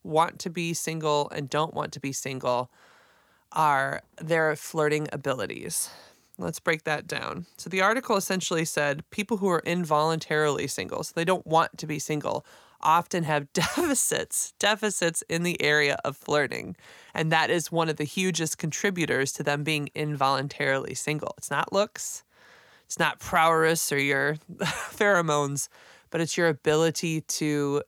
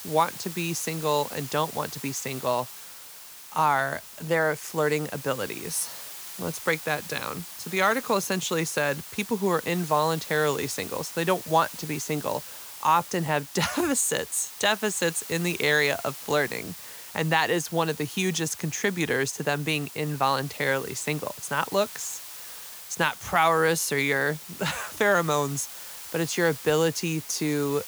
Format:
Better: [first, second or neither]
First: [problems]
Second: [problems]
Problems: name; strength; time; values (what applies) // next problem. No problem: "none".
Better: first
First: none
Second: hiss; noticeable; throughout; 10 dB below the speech